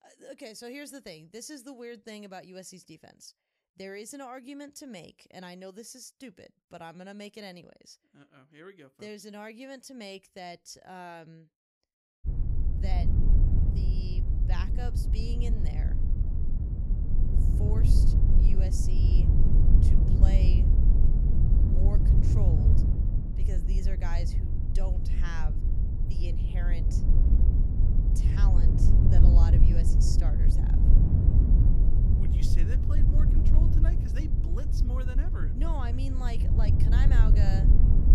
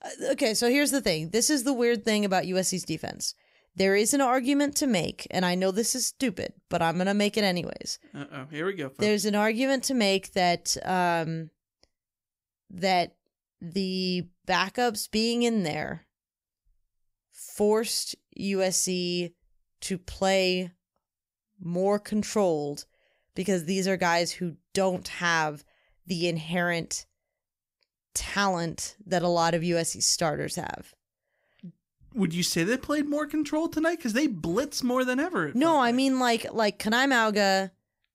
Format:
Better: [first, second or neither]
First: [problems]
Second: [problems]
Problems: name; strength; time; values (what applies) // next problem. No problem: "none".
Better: second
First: wind noise on the microphone; heavy; from 12 s on; 2 dB above the speech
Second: none